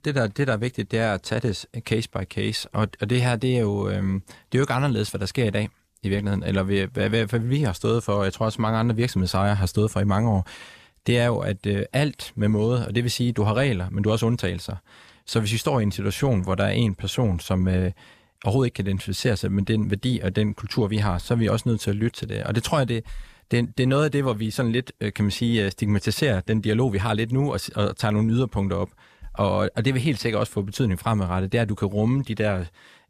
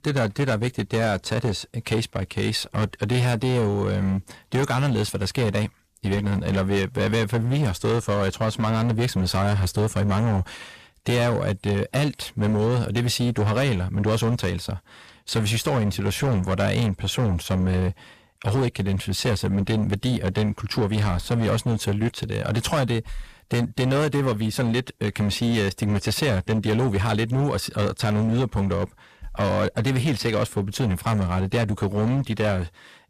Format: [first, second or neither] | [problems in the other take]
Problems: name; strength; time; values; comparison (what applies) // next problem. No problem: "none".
first | distortion; slight; 16% of the sound clipped